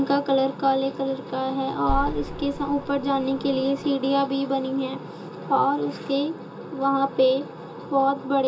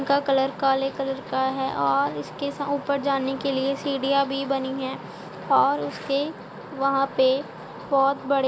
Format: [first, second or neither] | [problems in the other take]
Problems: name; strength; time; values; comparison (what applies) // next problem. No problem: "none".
second | background sound (Boom); 8 dB below the speech // room echo; dies away in 0.2 s